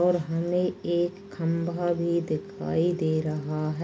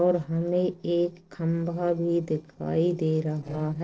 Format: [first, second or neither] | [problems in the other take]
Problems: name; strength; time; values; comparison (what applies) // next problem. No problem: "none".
first | noise reduction (neural separator model SepFormer DNS4)